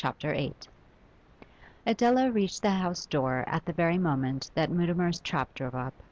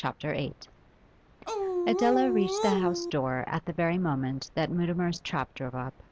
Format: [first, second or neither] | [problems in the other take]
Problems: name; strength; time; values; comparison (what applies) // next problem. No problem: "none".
first | background sound (Dog); 1 dB above the speech